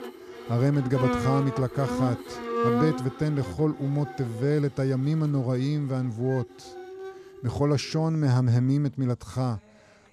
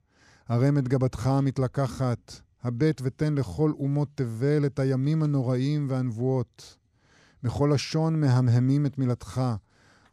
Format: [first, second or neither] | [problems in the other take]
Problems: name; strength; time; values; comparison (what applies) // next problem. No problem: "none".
second | background music; loud; throughout; 6 dB below the speech